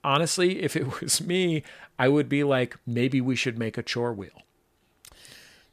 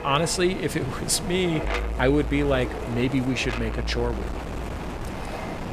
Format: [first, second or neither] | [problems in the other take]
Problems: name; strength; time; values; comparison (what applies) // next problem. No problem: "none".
first | wind noise on the microphone; heavy; 7 dB below the speech